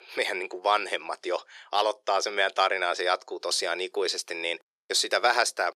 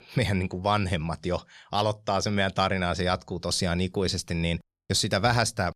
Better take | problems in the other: second | thin; very; fading below 350 Hz

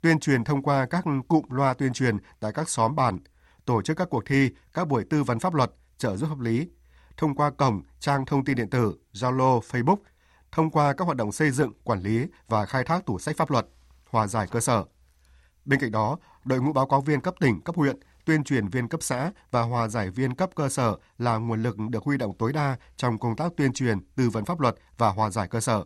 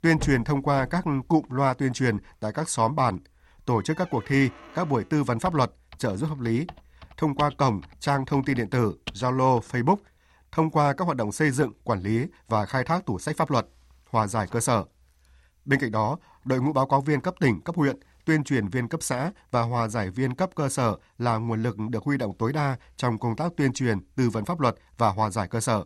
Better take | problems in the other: first | household noises; noticeable; until 9.5 s; 20 dB below the speech

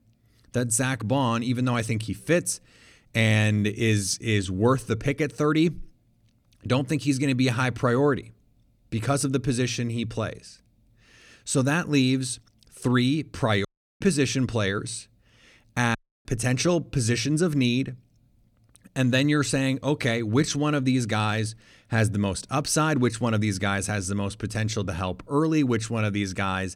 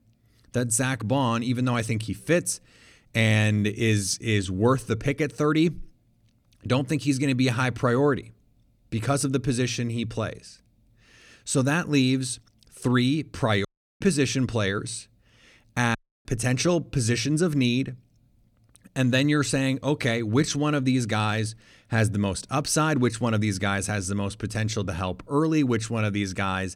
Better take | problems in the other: neither | audio cutting out; at 14 s and at 16 s; the same in both

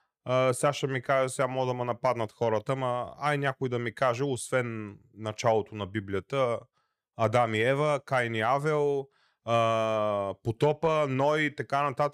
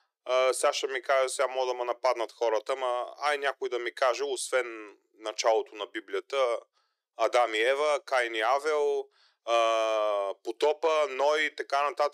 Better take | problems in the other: first | thin; very; fading below 350 Hz

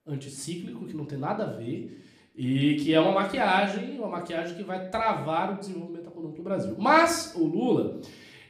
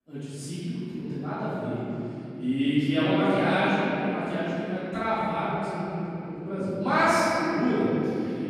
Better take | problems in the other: first | room echo; strong; dies away in 3 s; slight in the first // off-mic speech; far; somewhat distant in the first

